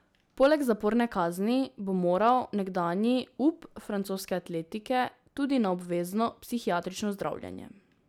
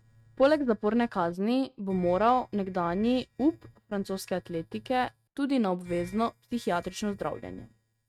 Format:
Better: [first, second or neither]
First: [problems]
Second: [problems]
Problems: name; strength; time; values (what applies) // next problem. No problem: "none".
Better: first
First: none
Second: noise reduction (neural mask model RNNoise)